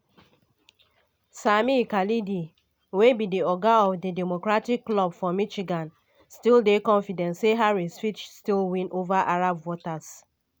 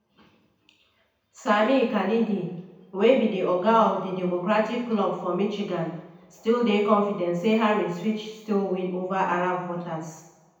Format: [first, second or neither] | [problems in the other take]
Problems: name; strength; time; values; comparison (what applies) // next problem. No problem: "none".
first | room echo; dies away in 0.8 s